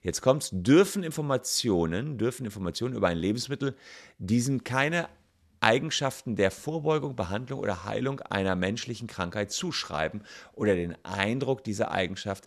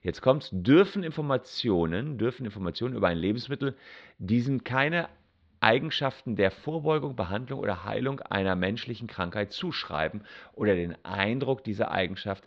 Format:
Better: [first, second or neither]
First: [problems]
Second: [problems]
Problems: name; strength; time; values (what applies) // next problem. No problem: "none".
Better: first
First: none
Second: muffled; slightly; fading above 4 kHz